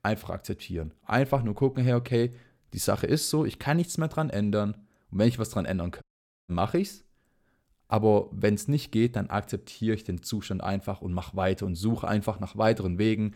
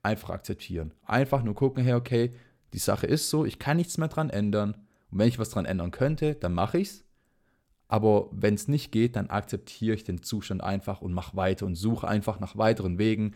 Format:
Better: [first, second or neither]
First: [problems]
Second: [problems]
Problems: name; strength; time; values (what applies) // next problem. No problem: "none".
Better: second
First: audio cutting out; at 6 s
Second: none